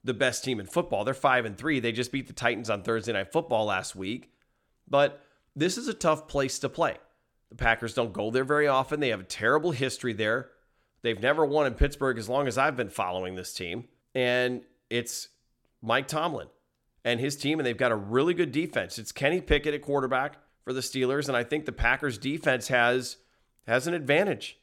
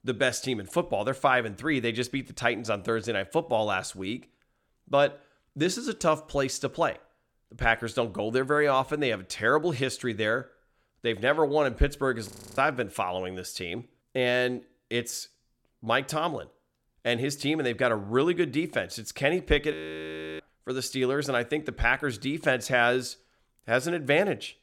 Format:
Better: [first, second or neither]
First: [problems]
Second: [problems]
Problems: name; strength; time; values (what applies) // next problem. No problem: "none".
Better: first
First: none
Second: audio freezing; at 12 s and at 20 s for 0.5 s